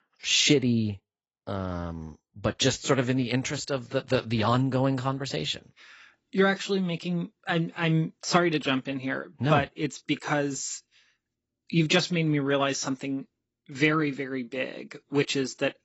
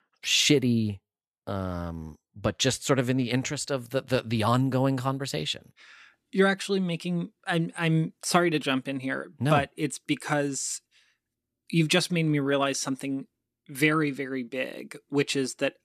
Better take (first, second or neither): second